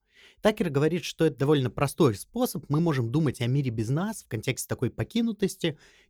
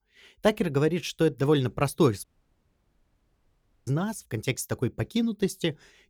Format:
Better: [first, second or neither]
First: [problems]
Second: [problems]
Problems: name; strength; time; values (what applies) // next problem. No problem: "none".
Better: first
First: none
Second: audio cutting out; at 2 s for 1.5 s